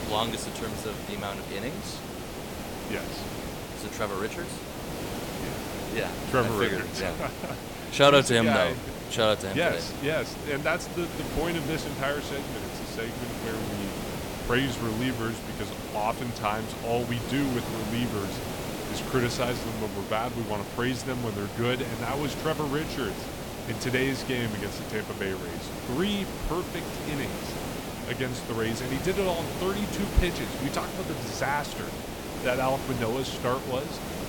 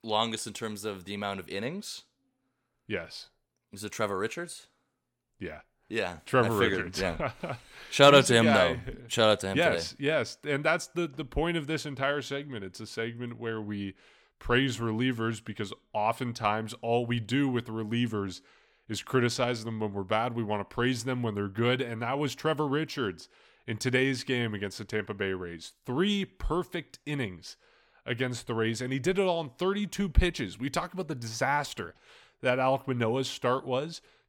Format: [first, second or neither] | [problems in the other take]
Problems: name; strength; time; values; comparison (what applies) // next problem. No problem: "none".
second | hiss; loud; throughout; 5 dB below the speech